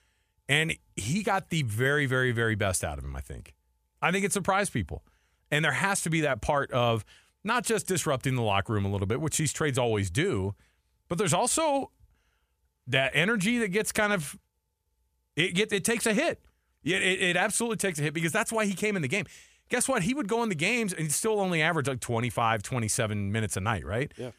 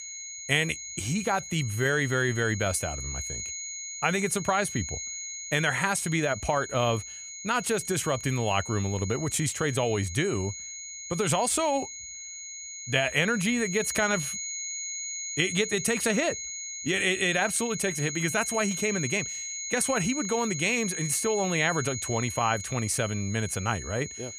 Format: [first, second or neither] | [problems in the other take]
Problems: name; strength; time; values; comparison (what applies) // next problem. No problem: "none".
first | high-pitched whine; loud; throughout; 6.5 kHz, 7 dB below the speech